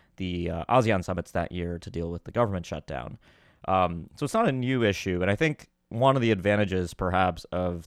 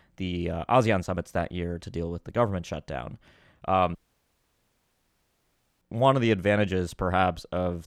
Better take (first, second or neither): first